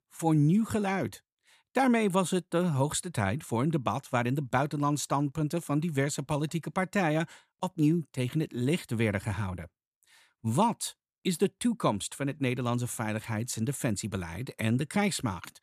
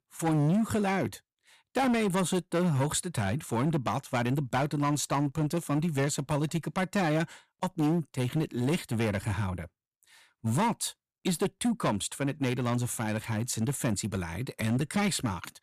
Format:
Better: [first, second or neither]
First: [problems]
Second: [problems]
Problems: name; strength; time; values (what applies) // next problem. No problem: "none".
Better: first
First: none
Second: distortion; slight; 10% of the sound clipped